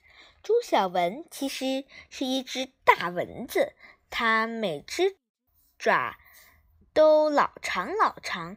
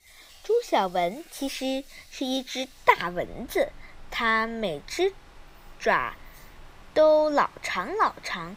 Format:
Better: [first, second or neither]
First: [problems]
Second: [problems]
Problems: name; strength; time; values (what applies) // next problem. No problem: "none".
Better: first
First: none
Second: rain or running water; faint; throughout; 25 dB below the speech